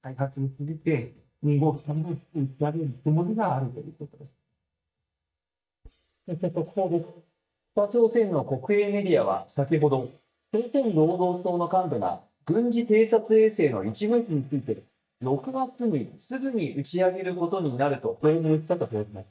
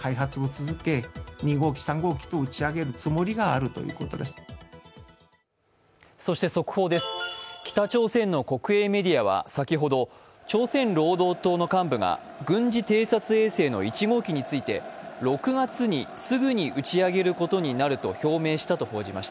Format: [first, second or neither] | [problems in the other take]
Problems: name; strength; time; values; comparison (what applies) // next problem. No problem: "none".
second | noise reduction (neural mask model DeepFilterNet 3)